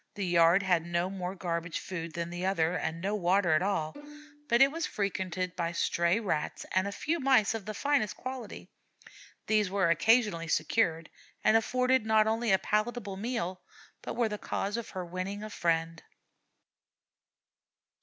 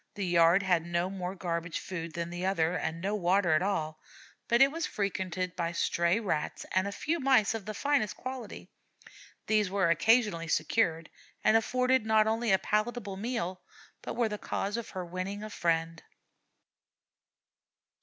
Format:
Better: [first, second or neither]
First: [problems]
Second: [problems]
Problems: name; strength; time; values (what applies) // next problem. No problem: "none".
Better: second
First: background sound (Bowed string instrument); 20 dB below the speech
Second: none